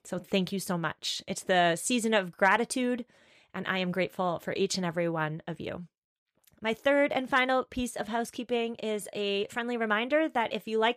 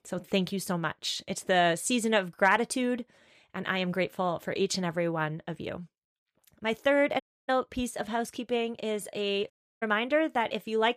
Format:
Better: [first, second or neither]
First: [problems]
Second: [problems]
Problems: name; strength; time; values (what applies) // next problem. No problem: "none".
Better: first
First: none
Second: audio cutting out; at 7 s and at 9.5 s